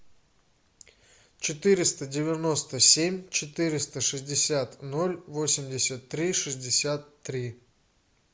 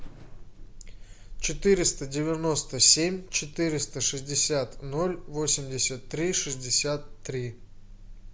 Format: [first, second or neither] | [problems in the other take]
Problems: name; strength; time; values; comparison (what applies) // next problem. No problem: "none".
first | background sound (Alarm); 12 dB below the speech